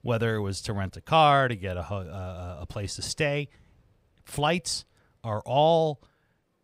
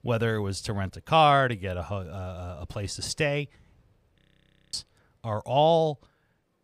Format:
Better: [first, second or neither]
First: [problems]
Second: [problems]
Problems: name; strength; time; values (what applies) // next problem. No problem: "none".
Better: first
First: none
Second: audio freezing; at 4 s for 0.5 s